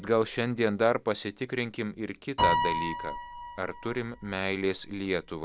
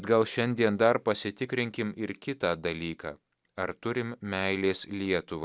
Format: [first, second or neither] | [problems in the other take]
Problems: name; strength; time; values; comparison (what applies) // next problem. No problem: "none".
second | background sound (Piano); 5 dB below the speech